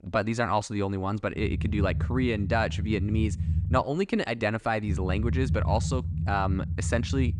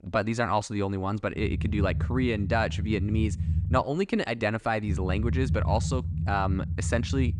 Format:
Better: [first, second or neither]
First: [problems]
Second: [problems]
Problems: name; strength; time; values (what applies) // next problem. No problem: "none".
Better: neither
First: low rumble; noticeable; from 1.5 to 4 s and from 5 s on; 15 dB below the speech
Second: low rumble; noticeable; from 1.5 to 4 s and from 5 s on; 15 dB below the speech